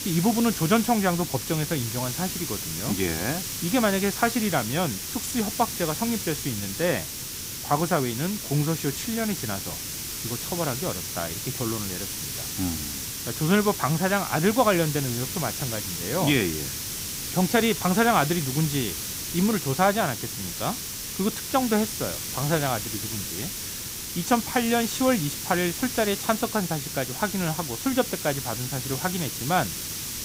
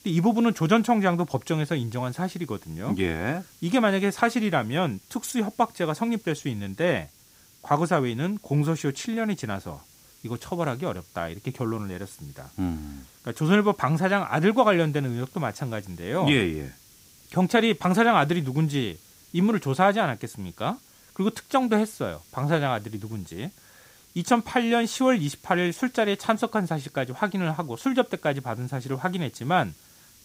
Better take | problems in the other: second | hiss; loud; throughout; 4 dB below the speech; faint in the second

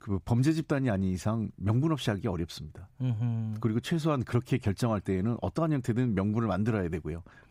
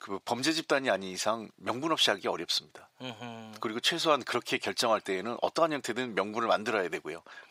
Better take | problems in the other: first | thin; very; fading below 600 Hz

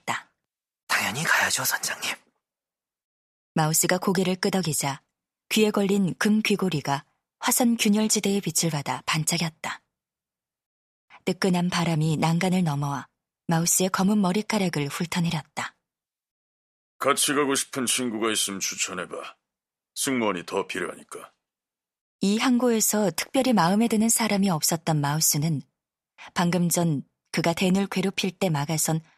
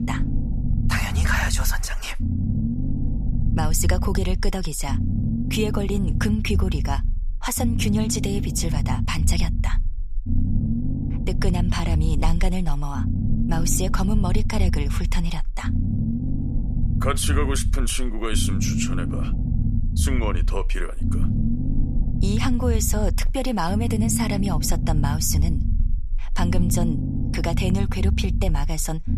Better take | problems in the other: first | low rumble; loud; throughout; 7 dB below the speech

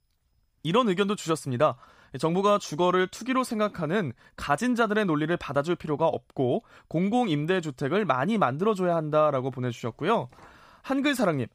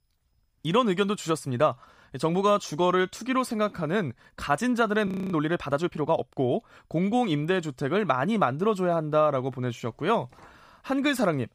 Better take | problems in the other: first | audio freezing; at 5 s

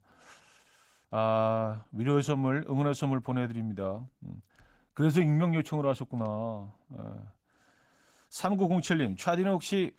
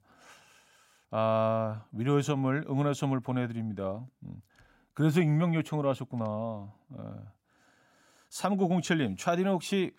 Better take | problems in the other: second | garbled, watery; slightly; nothing above 16 kHz

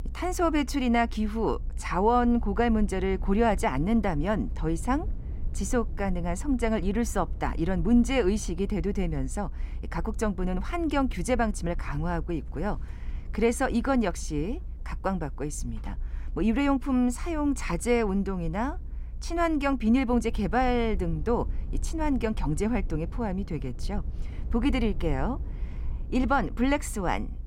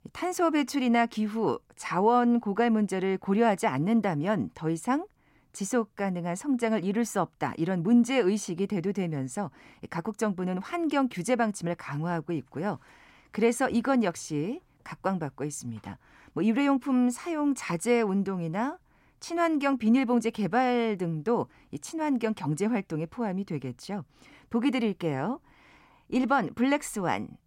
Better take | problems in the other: second | low rumble; faint; throughout; 25 dB below the speech

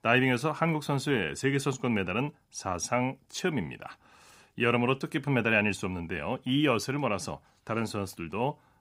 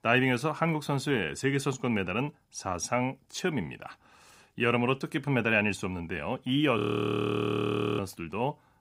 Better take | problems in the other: first | audio freezing; at 7 s for 1 s

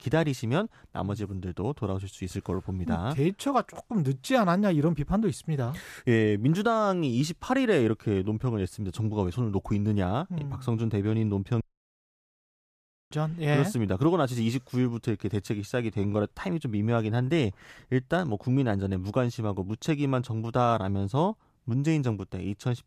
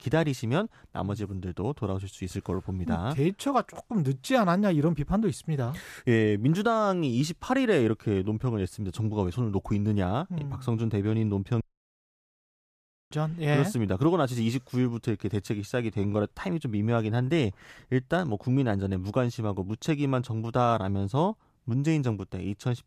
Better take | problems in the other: neither | audio cutting out; at 12 s for 1.5 s; the same in both

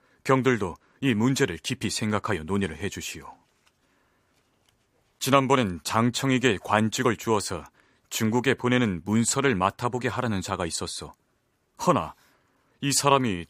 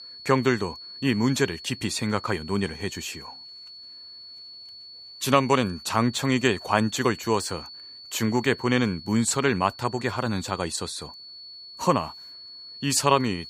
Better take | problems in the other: first | high-pitched whine; noticeable; throughout; 4.5 kHz, 15 dB below the speech

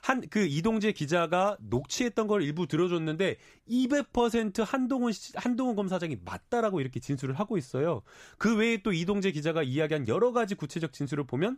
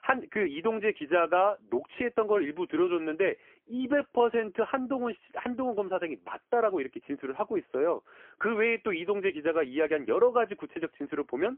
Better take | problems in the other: first | phone-call audio; poor line

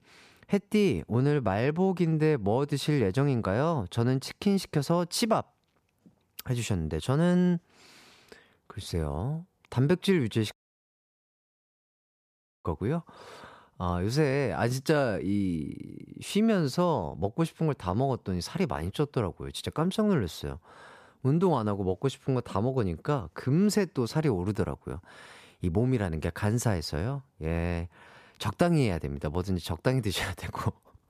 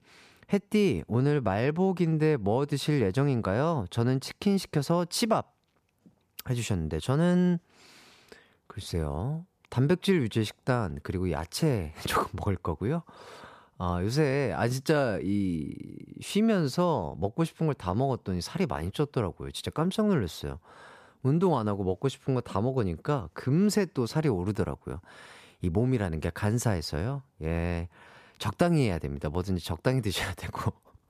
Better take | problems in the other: second | audio cutting out; at 11 s for 2 s

